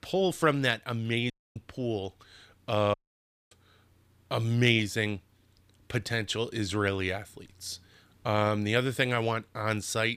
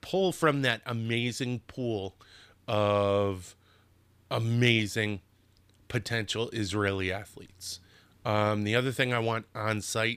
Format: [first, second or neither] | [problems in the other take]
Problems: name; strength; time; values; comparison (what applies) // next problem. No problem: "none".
second | audio cutting out; at 1.5 s and at 3 s for 0.5 s